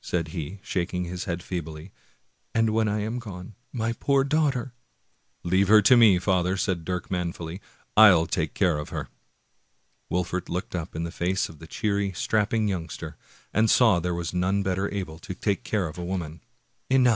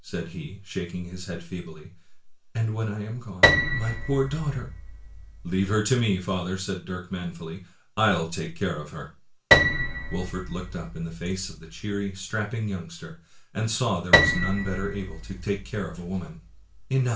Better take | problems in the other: first | background sound (Piano); 2 dB above the speech // room echo; dies away in 0.3 s

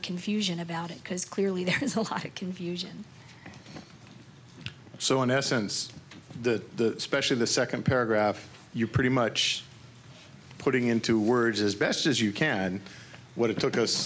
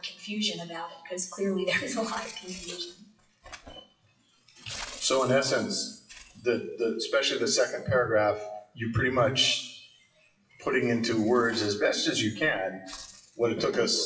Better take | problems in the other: first | noise reduction (classical method WPE with log-MMSE)

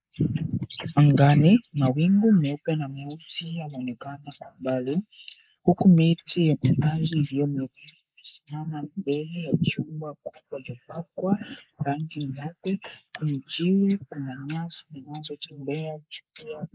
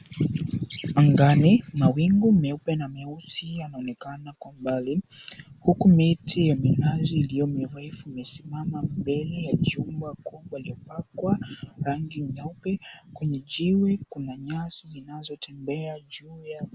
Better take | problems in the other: second | noise reduction (neural mask model Resemble Enhance denoiser)

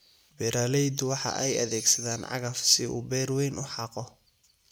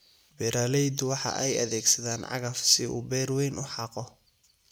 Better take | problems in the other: second | background sound (Bell); 15 dB below the speech

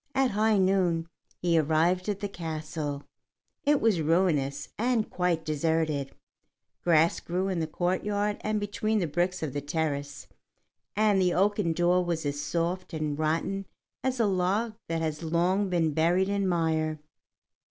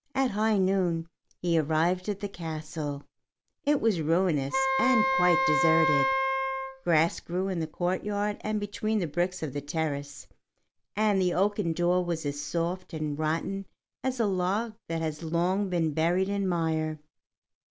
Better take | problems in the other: first | background sound (Wind instrument, woodwind instrument); 2 dB above the speech

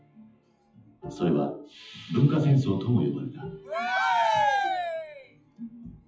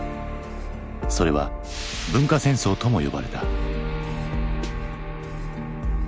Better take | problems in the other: second | noise reduction (classical method WPE with log-MMSE)

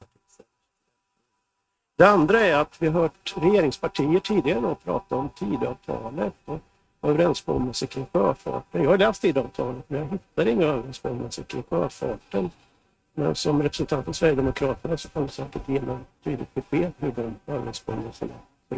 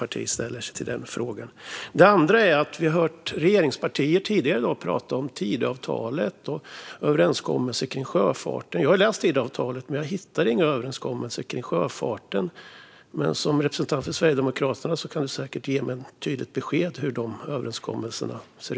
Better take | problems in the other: second | noise reduction (neural mask model RNNoise)

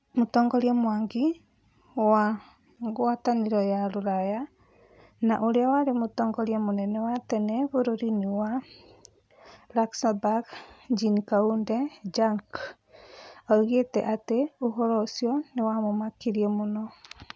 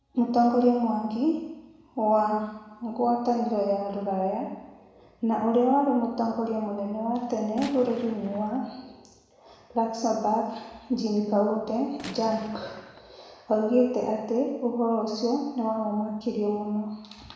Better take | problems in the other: first | background sound (Gunshot, gunfire); 17 dB below the speech // room echo; dies away in 1 s

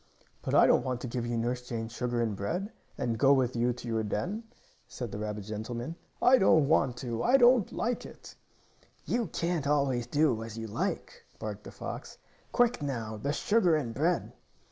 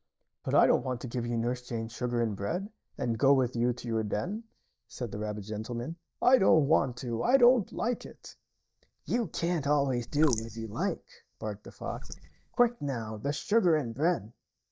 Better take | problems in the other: first | noise reduction (neural mask model DeepFilterNet 3)

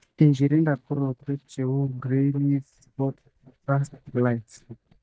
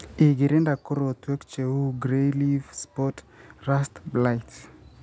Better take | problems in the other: second | noise reduction (neural mask model DeepFilterNet 3)

